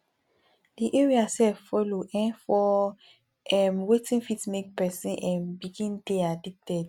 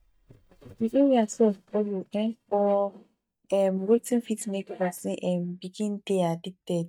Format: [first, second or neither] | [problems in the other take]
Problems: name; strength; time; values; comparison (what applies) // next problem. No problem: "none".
first | noise reduction (neural mask model DeepFilterNet 3)